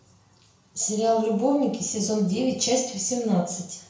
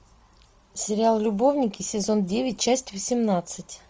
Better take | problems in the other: second | room echo; dies away in 0.5 s

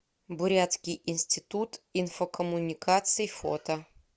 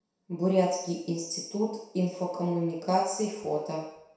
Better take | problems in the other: first | room echo; dies away in 0.7 s

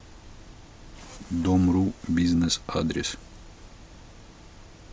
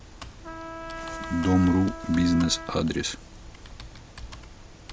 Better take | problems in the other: first | background sound (Trumpet + Computer keyboard); 12 dB below the speech

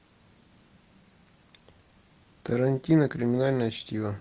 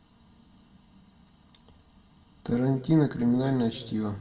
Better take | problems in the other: first | room echo; dies away in 1.2 s

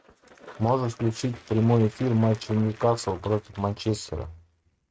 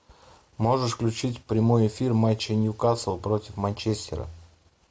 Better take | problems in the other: second | noise reduction (neural mask model RNNoise)

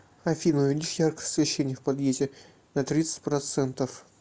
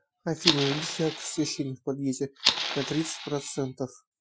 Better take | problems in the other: first | noise reduction (classical method Wiener filter)

